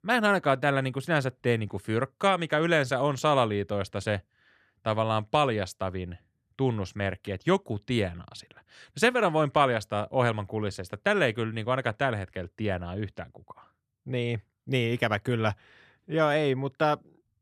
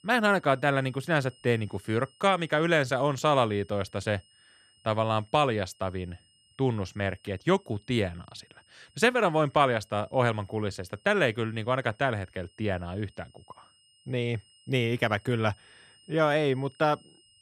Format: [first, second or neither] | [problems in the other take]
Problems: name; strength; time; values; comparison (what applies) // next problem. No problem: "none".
first | high-pitched whine; faint; throughout; 3 kHz, 30 dB below the speech